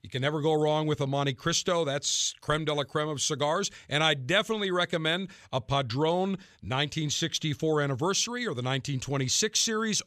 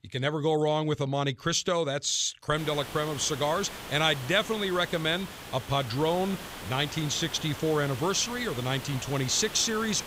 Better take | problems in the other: first | hiss; noticeable; from 2.5 s on; 10 dB below the speech

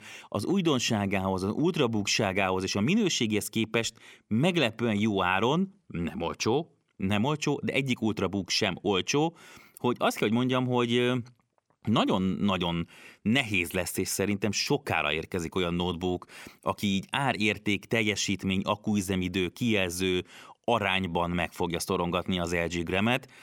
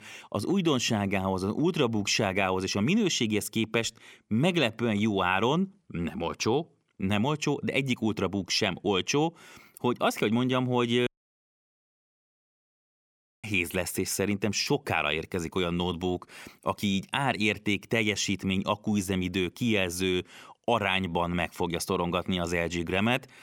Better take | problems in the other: first | audio cutting out; at 11 s for 2.5 s

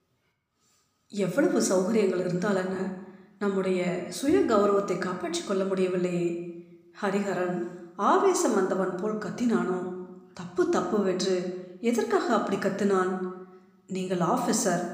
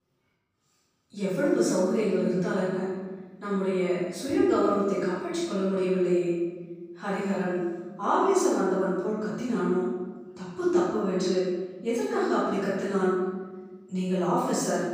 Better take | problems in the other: first | room echo; strong; dies away in 1.2 s; slight in the first // off-mic speech; far

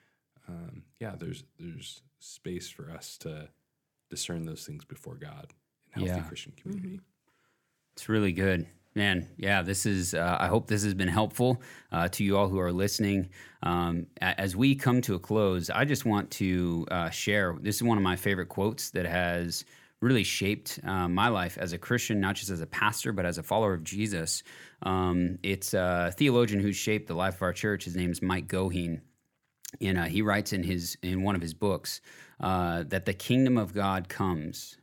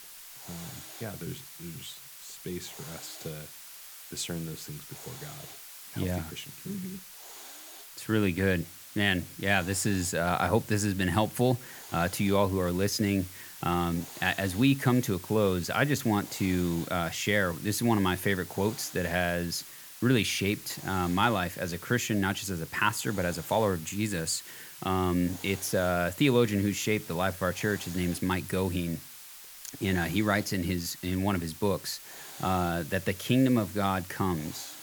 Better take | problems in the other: first | hiss; noticeable; throughout; 15 dB below the speech

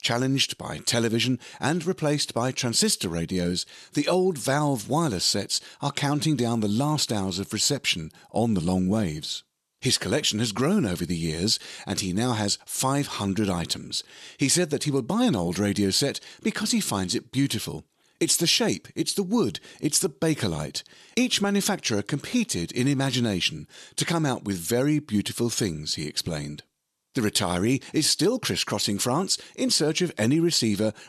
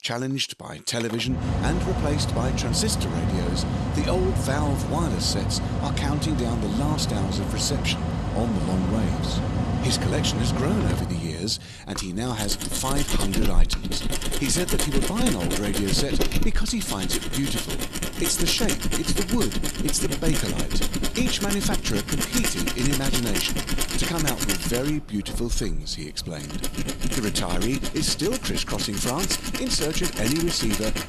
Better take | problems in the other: first | machinery noise; very loud; throughout; as loud as the speech

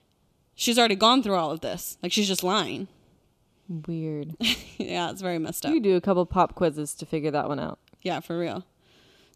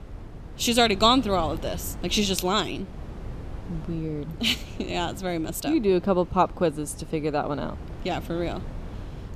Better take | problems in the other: first | wind noise on the microphone; occasional gusts; 20 dB below the speech

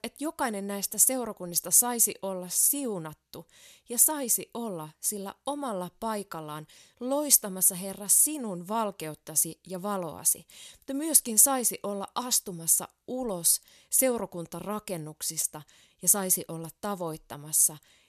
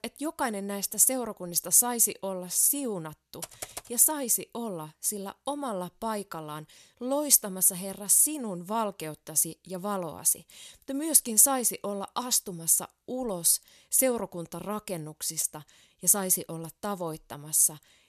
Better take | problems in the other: first | keyboard typing; faint; at 3.5 s; peak 15 dB below the speech

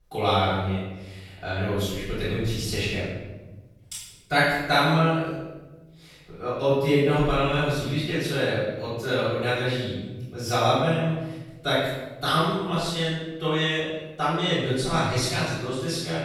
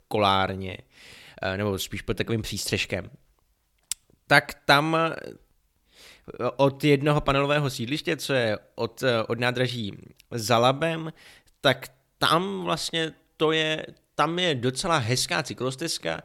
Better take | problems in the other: second | off-mic speech; far // room echo; strong; dies away in 1.2 s

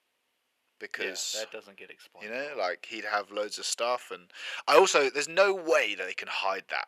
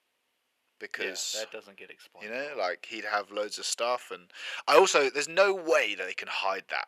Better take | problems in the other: neither | thin; very; fading below 600 Hz; the same in both

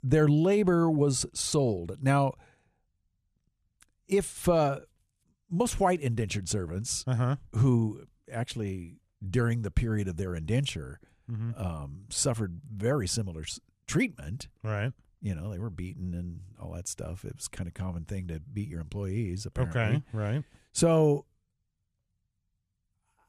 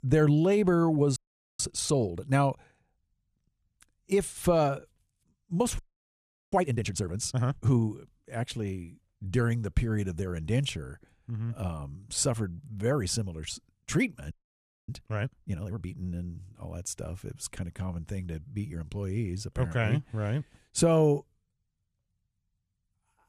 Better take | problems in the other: first | audio freezing; at 1 s, at 6 s for 0.5 s and at 14 s for 0.5 s

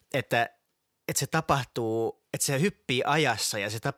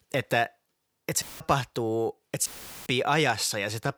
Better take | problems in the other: first | audio cutting out; filled with static; at 1 s and at 2.5 s

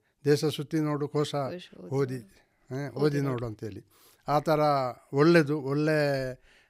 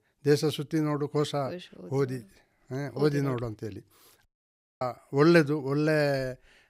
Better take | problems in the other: first | audio cutting out; at 4.5 s for 0.5 s

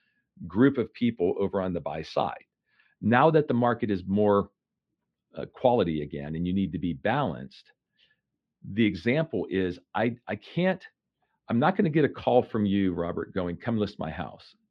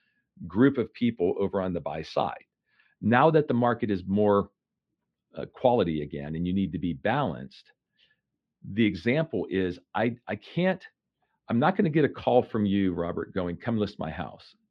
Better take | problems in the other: neither | muffled; slightly; fading above 3.5 kHz; the same in both

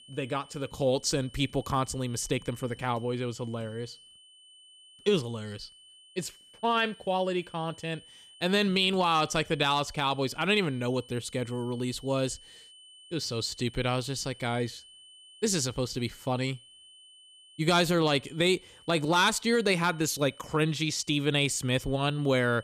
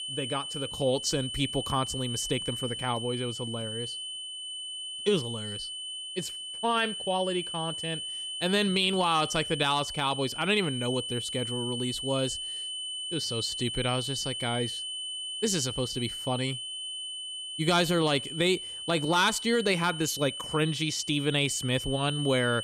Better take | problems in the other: first | high-pitched whine; loud; throughout; 3 kHz, 5 dB below the speech; faint in the first

